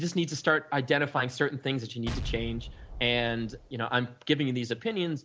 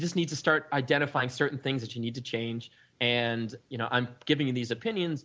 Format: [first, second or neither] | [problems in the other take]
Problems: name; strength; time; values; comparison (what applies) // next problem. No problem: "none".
second | background sound (Explosion); 9 dB below the speech